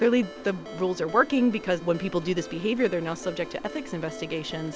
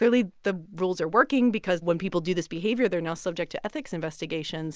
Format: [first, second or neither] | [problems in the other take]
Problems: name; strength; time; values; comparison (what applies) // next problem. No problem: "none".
second | background sound (Ringtone + Boat, Water vehicle); 14 dB below the speech